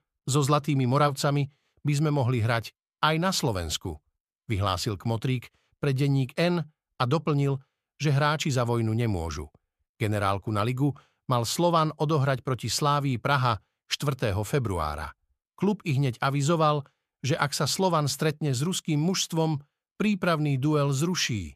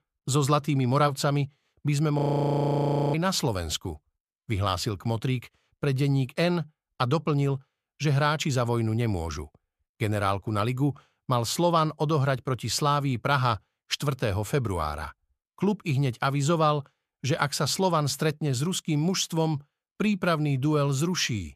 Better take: first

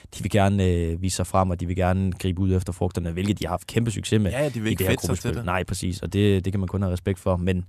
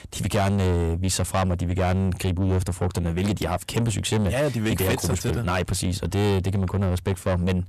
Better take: first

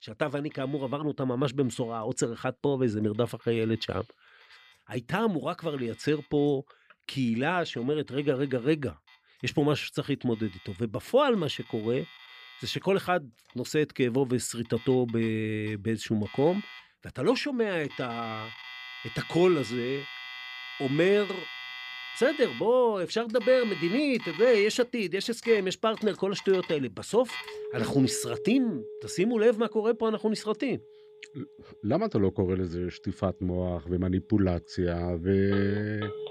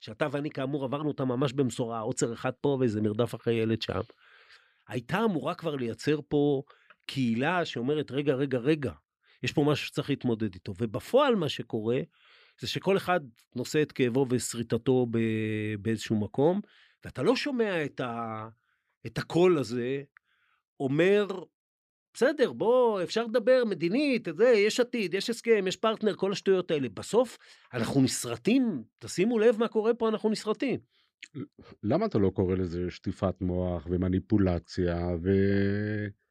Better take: second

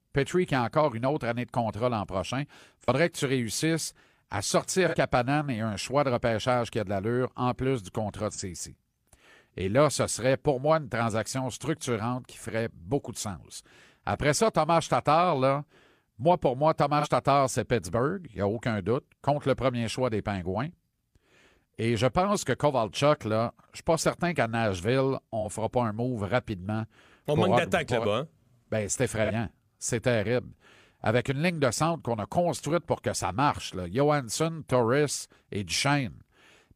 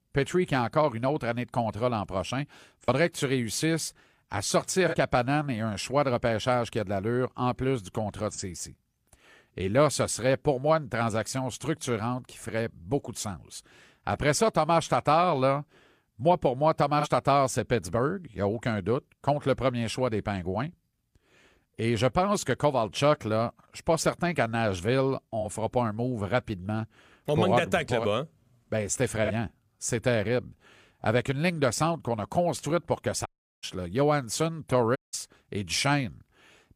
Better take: first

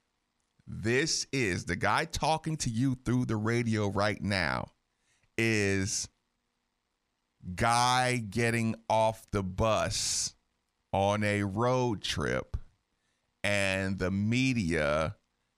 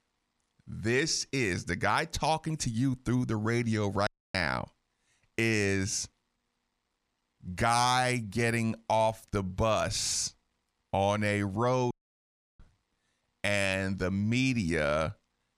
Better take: first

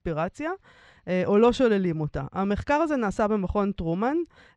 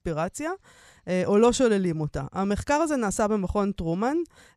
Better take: second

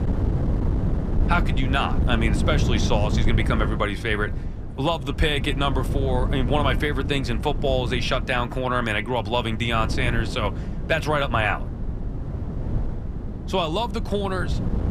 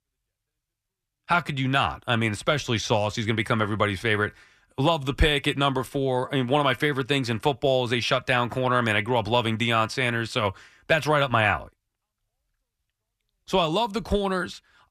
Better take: second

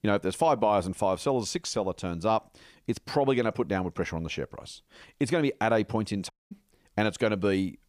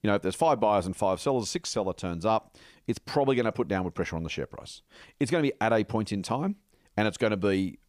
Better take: second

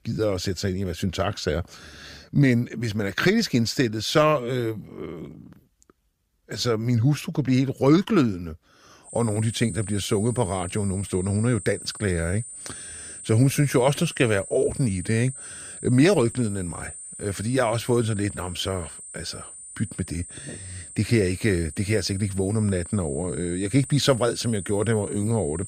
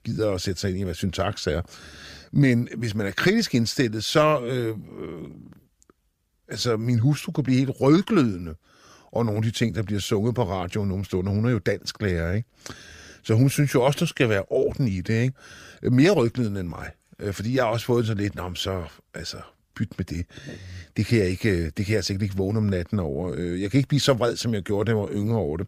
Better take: second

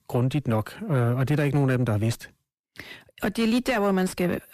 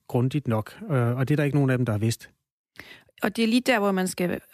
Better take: second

